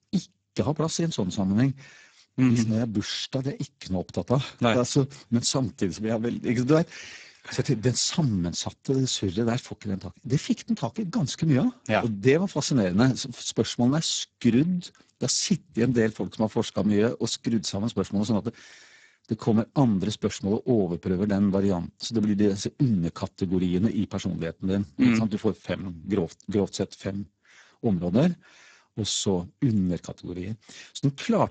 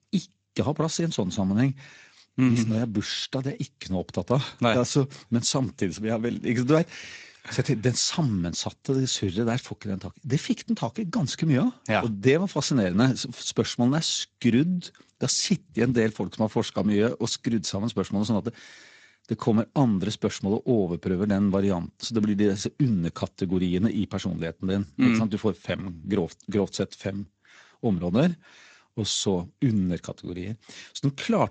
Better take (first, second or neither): second